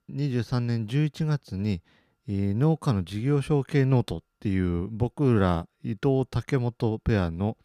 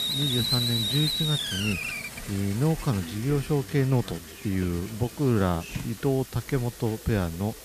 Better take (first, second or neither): first